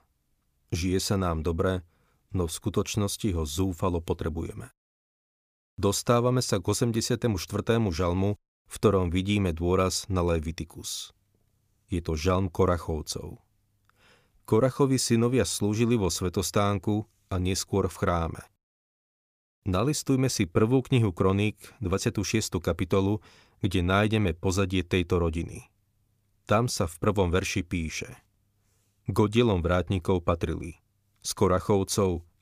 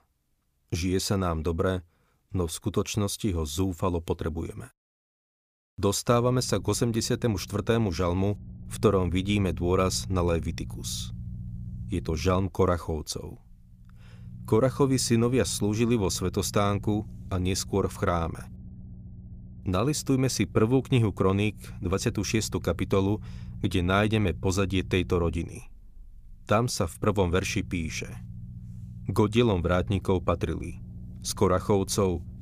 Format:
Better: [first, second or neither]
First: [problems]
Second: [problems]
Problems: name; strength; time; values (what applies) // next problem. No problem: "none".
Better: first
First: none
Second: low rumble; faint; from 6 s on; 25 dB below the speech